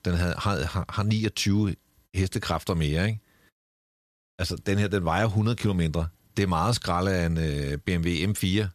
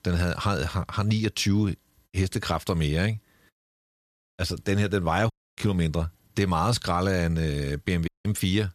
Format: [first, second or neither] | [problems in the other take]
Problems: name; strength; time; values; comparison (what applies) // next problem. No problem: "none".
first | audio cutting out; at 5.5 s and at 8 s